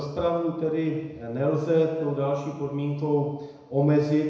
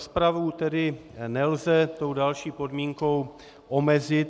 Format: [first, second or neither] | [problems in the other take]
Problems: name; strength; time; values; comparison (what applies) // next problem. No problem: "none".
second | room echo; dies away in 1 s